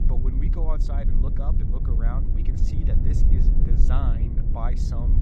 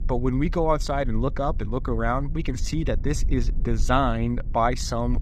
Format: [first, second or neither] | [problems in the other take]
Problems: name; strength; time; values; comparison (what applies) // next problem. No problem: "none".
second | low rumble; loud; throughout; 1 dB below the speech; faint in the second